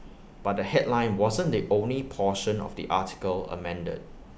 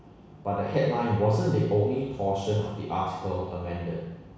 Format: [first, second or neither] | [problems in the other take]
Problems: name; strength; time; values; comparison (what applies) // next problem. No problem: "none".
first | room echo; dies away in 1.1 s